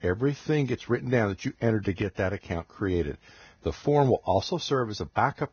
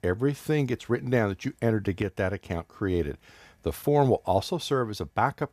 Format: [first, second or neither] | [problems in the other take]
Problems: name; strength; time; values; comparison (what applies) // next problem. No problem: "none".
second | garbled, watery; badly; nothing above 6.5 kHz